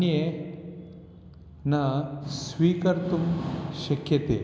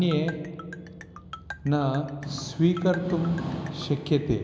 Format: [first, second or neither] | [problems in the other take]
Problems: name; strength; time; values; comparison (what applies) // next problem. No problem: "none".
first | background sound (Marimba, xylophone); 17 dB below the speech